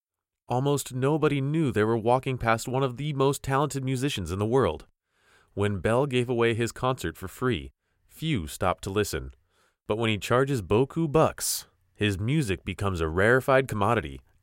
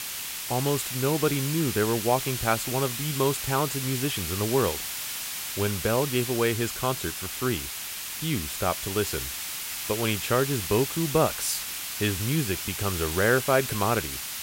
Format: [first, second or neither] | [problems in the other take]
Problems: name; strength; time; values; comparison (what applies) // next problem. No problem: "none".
first | hiss; loud; throughout; 4 dB below the speech